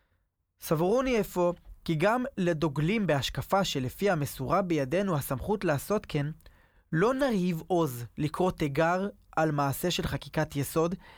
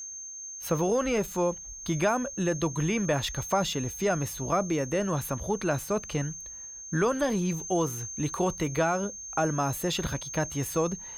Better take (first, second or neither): first